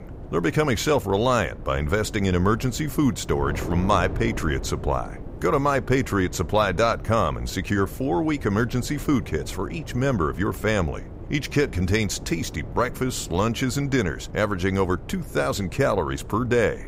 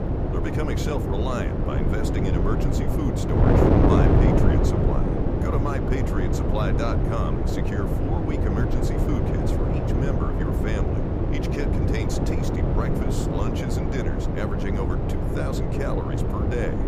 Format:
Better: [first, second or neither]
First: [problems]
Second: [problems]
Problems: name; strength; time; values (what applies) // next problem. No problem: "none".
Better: first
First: wind noise on the microphone; occasional gusts; 20 dB below the speech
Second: wind noise on the microphone; heavy; 4 dB above the speech